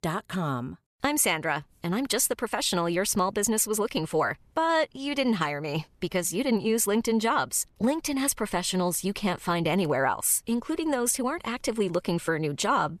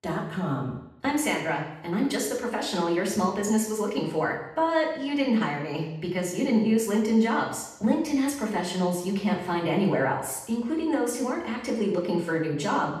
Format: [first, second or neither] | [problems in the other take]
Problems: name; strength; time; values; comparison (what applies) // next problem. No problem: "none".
first | room echo; noticeable; dies away in 0.8 s // off-mic speech; far